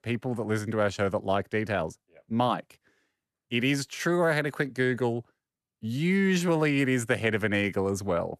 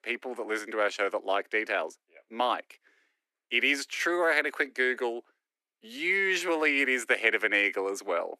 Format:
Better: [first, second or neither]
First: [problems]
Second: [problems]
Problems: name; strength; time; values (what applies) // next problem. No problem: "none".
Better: first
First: none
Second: thin; somewhat; fading below 300 Hz